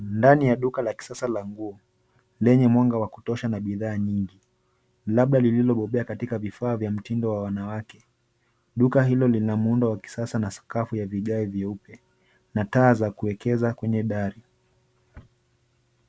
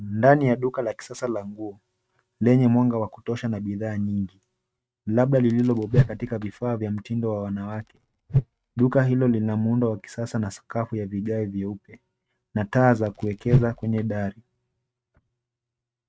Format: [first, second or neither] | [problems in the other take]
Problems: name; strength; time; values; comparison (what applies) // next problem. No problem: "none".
first | noise reduction (neural mask model RNNoise)